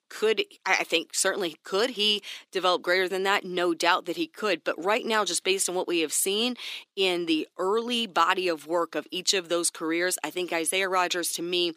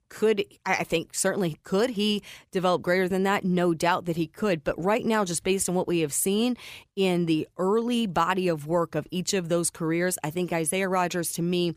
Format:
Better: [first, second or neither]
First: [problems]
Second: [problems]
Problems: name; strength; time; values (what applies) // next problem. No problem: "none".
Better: second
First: thin; somewhat; fading below 300 Hz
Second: none